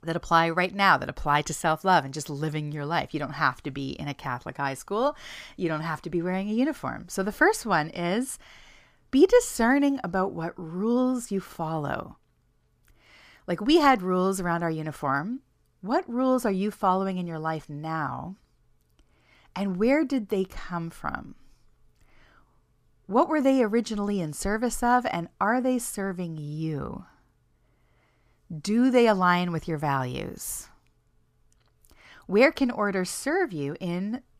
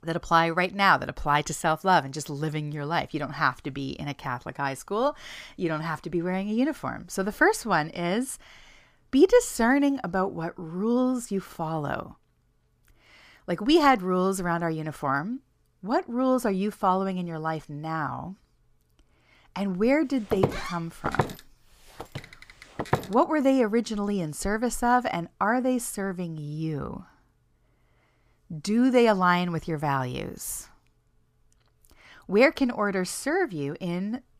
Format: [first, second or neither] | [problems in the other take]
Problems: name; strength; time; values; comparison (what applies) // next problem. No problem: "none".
first | footsteps; noticeable; from 20 to 23 s; peak 2 dB below the speech